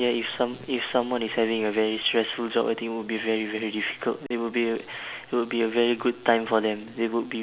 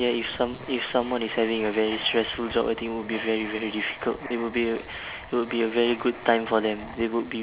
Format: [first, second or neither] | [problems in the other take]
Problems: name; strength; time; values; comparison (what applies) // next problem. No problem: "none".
first | background sound (Writing); 16 dB below the speech